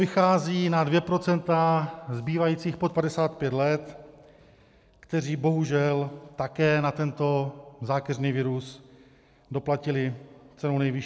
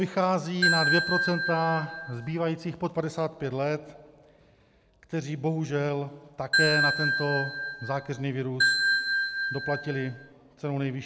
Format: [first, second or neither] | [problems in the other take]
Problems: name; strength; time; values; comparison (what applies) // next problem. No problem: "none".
first | background sound (Ringtone / Bell); 3 dB above the speech